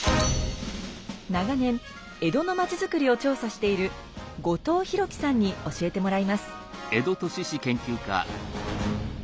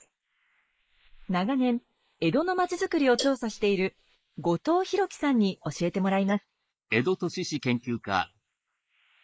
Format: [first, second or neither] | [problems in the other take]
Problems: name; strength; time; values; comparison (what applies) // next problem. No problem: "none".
first | noise reduction (neural mask model Resemble Enhance denoiser)